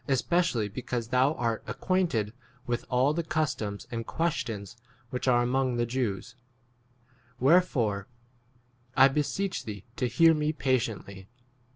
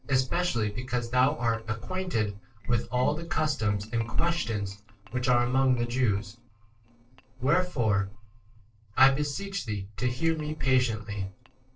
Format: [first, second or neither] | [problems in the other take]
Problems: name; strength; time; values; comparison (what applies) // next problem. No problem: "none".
first | noise reduction (neural separator model SepFormer DNS4)